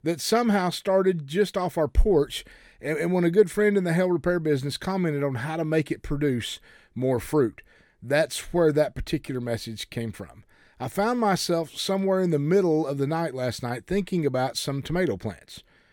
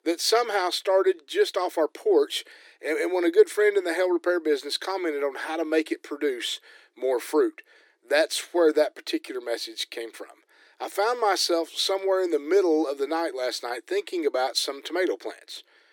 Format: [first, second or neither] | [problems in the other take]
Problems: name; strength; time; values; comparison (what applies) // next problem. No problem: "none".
first | thin; very; fading below 300 Hz